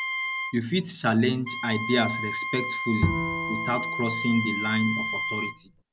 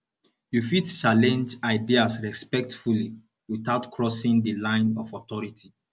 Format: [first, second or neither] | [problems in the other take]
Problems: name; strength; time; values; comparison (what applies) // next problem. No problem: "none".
second | background sound (Wind instrument, woodwind instrument + Bowed string instrument); 2 dB below the speech